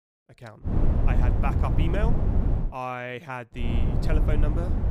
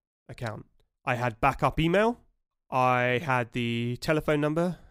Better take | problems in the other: second | wind noise on the microphone; heavy; from 0.5 to 2.5 s and from 3.5 s on; 3 dB below the speech

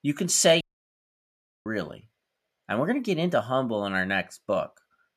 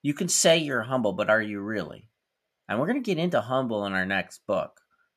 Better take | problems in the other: second | audio cutting out; at 0.5 s for 1 s

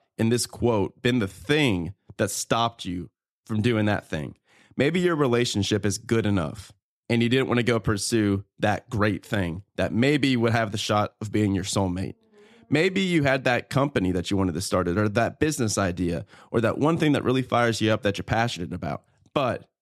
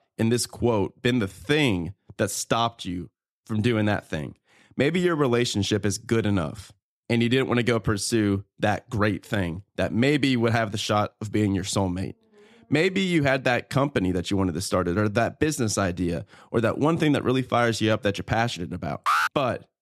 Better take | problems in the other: first | alarm; loud; at 19 s; peak 2 dB above the speech

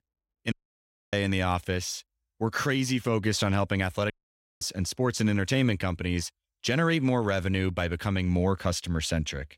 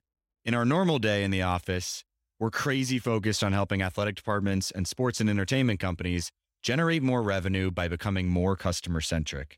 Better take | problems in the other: second | audio cutting out; at 0.5 s for 0.5 s and at 4 s for 0.5 s

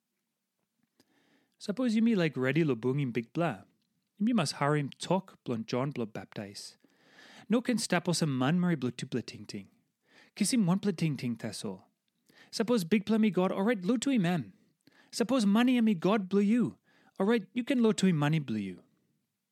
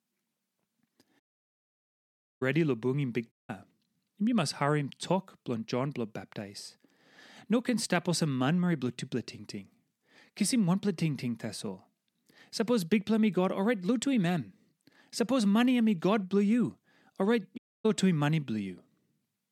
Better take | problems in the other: first | audio cutting out; at 1 s for 1 s, at 3.5 s and at 18 s

